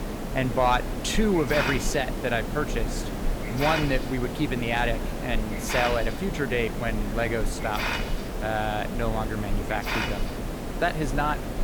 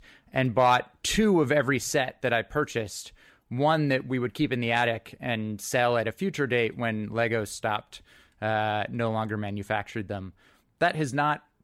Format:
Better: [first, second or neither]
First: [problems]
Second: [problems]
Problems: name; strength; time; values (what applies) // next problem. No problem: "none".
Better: second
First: hiss; loud; throughout; 3 dB below the speech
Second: none